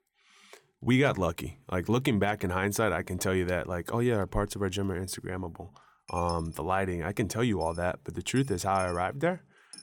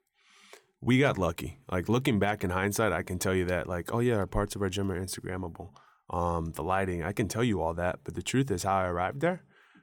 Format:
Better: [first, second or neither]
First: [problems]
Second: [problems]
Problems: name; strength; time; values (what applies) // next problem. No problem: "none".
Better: second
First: household noises; faint; throughout; 20 dB below the speech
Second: none